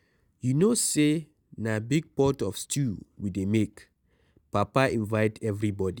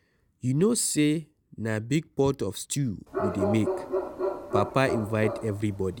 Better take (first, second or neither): first